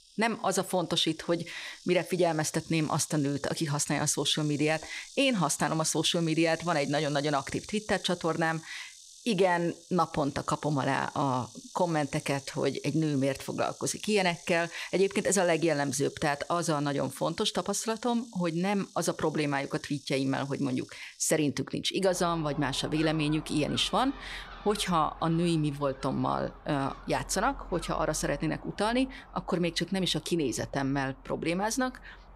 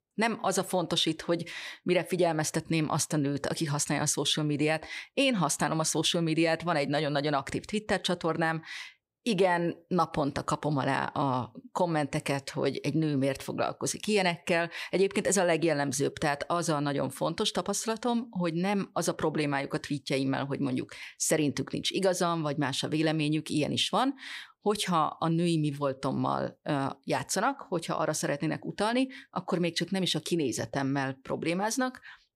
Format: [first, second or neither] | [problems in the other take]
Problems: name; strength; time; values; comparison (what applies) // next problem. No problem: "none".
second | animal sounds; noticeable; throughout; 20 dB below the speech